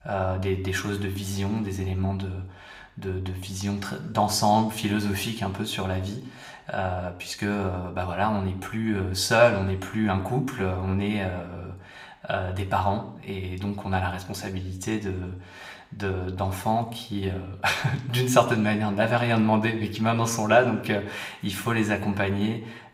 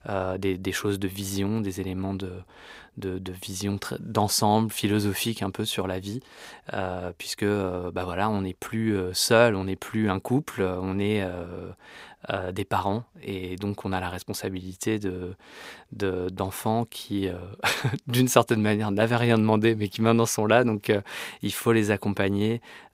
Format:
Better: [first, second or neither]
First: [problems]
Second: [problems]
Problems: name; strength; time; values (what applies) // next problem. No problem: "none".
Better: second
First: room echo; very slight; dies away in 0.6 s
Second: none